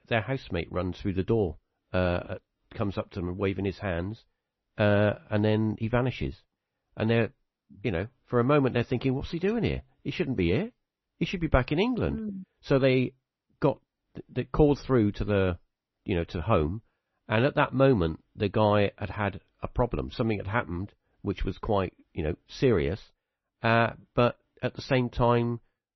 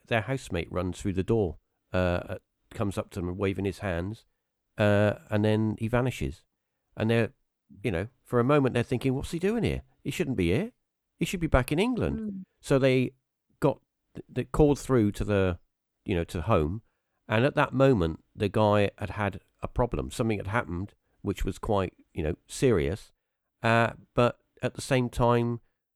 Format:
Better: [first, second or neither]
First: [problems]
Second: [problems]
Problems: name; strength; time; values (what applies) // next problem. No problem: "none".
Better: second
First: garbled, watery; slightly; nothing above 6 kHz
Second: none